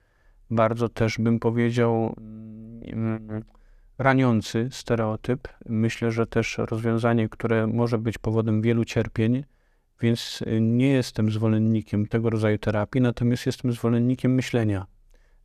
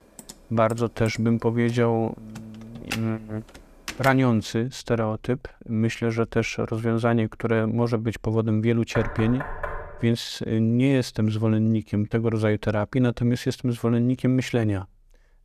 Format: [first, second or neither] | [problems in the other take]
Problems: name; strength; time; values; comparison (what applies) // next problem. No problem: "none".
first | keyboard typing; noticeable; until 4 s; peak 10 dB below the speech // door banging; noticeable; from 9 to 10 s; peak 9 dB below the speech